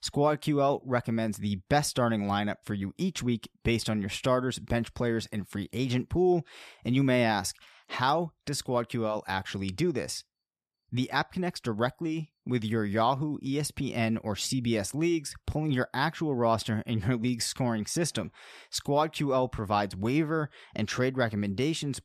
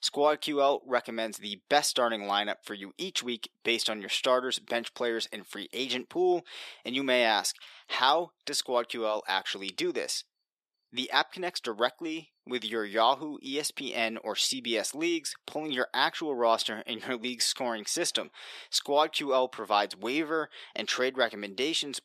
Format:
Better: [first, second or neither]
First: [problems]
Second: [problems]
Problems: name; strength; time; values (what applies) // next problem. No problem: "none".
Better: first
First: none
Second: thin; somewhat; fading below 350 Hz